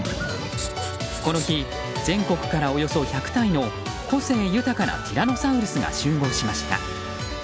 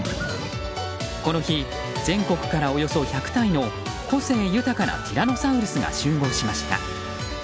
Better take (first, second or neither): second